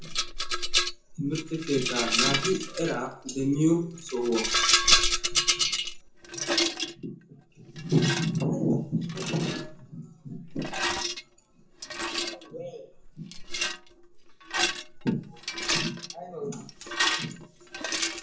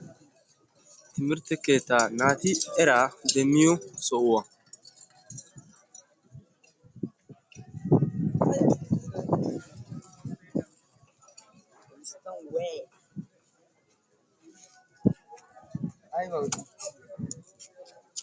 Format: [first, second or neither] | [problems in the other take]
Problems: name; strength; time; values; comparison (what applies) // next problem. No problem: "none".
second | background sound (Rattle); 2 dB above the speech // room echo; dies away in 0.6 s